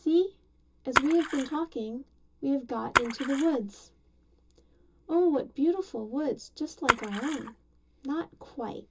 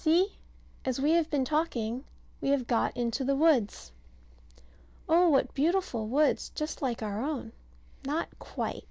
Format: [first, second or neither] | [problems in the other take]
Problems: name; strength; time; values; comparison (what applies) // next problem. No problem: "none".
second | background sound (Splash, splatter); 3 dB below the speech // room echo; dies away in 0.2 s